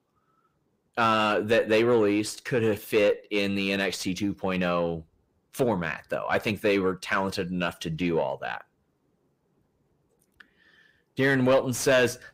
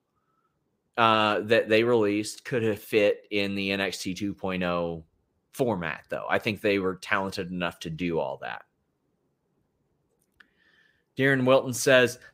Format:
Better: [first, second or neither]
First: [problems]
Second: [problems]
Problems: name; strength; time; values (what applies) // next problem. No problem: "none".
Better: second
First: distortion; slight; 10 dB below the speech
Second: none